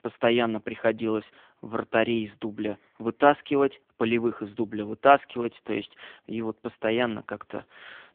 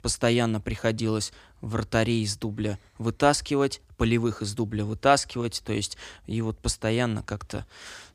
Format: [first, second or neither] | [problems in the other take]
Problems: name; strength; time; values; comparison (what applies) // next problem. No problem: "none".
second | phone-call audio; poor line